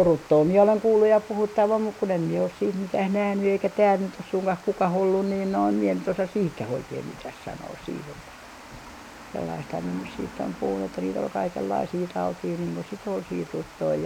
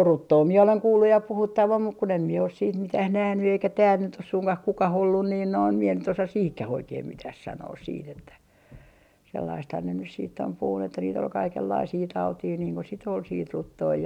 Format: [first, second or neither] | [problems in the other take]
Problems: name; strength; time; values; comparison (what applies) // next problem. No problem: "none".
second | background sound (Water); 19 dB below the speech